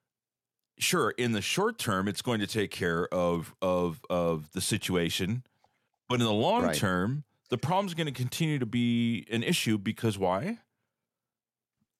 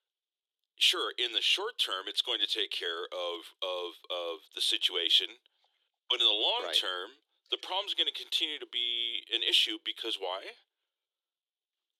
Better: first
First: none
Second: thin; very; fading below 350 Hz

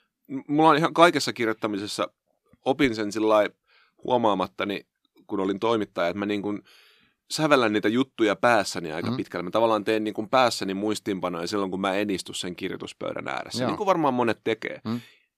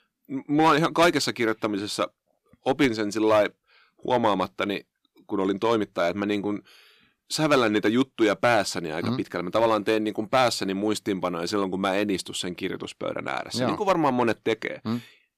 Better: first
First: none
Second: distortion; slight; 1.8% of the sound clipped

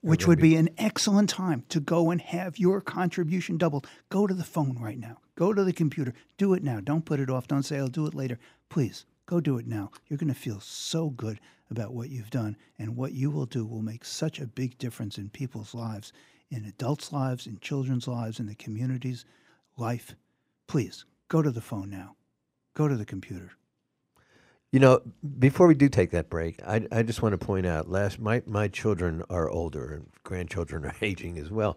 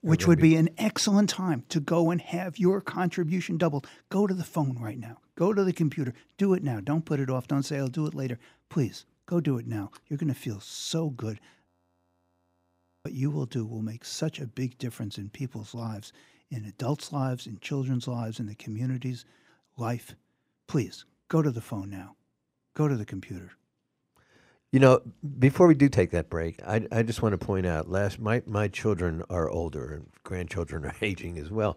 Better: first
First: none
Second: audio freezing; at 12 s for 1.5 s

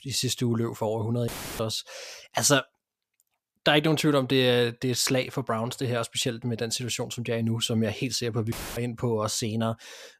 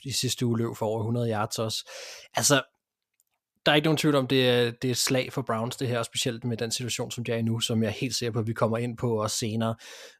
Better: second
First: audio cutting out; filled with static; at 1.5 s and at 8.5 s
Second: none

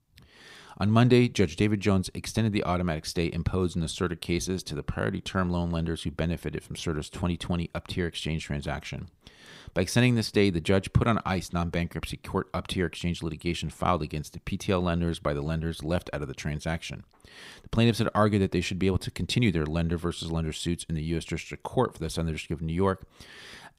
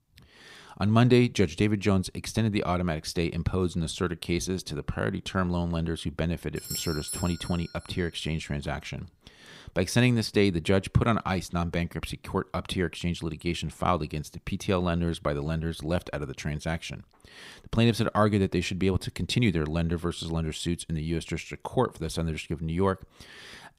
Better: first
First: none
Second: doorbell; noticeable; at 6.5 s; peak 5 dB below the speech

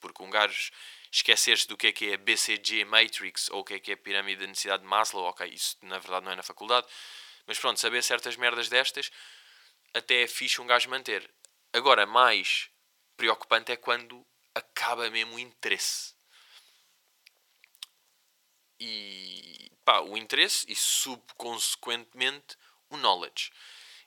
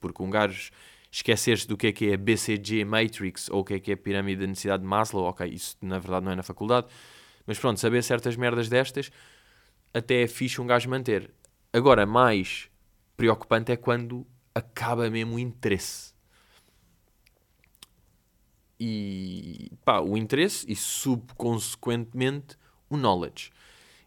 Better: second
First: thin; very; fading below 750 Hz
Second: none

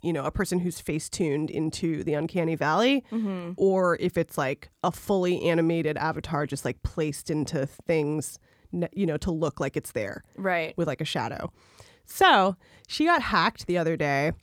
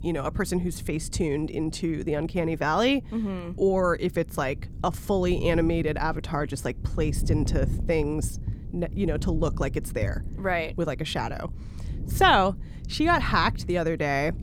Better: first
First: none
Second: wind noise on the microphone; occasional gusts; 20 dB below the speech

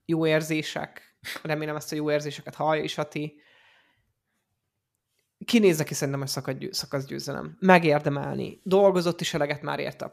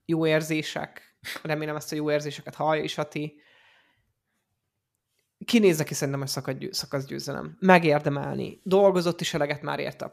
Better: neither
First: none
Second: none

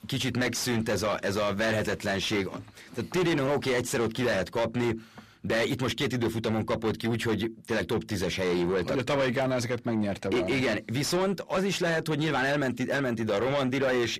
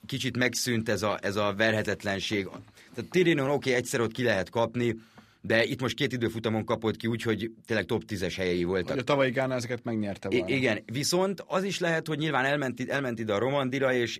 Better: second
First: distortion; heavy; 7 dB below the speech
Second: none

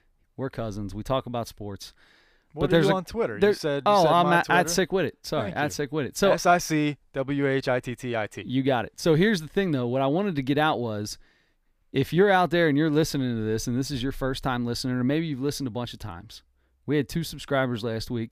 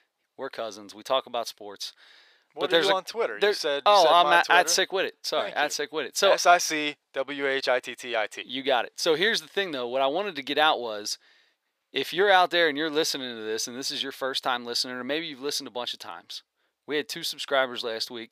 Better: first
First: none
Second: thin; very; fading below 550 Hz

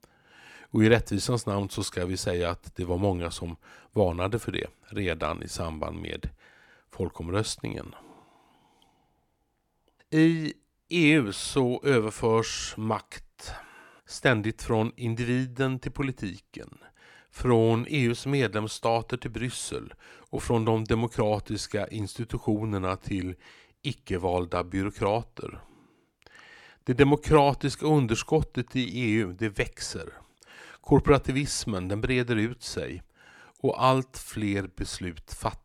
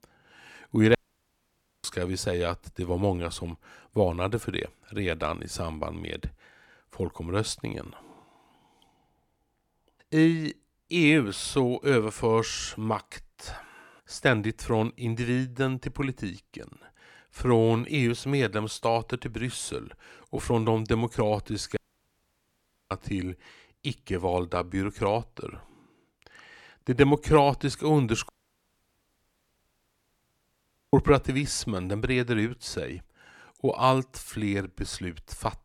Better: first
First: none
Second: audio cutting out; at 1 s for 1 s, at 22 s for 1 s and at 28 s for 2.5 s

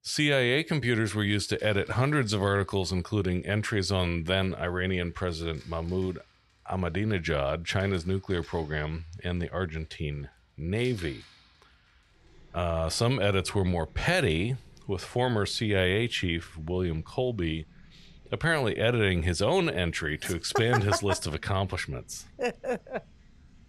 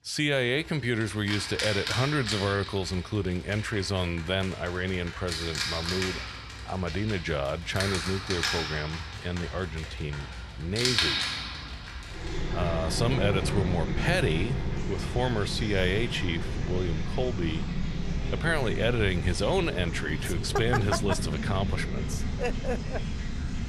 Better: first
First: animal sounds; faint; throughout; 30 dB below the speech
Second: animal sounds; loud; throughout; 3 dB below the speech

